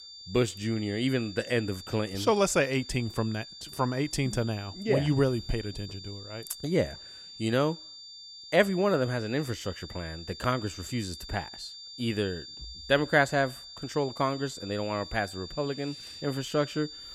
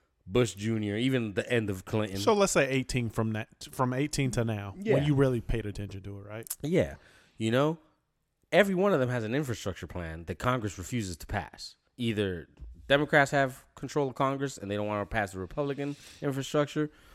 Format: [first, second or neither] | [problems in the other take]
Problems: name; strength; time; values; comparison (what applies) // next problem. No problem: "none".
second | high-pitched whine; noticeable; throughout; 4.5 kHz, 15 dB below the speech